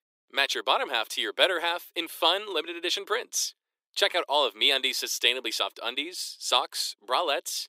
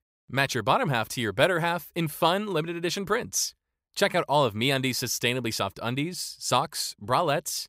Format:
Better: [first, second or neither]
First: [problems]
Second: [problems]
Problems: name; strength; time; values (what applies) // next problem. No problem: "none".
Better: second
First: thin; very; fading below 350 Hz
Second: none